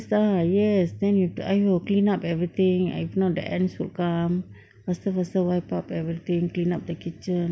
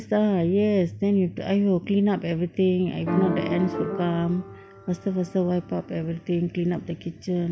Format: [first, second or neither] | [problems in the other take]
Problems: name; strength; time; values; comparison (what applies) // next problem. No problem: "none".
first | background sound (Piano); 7 dB below the speech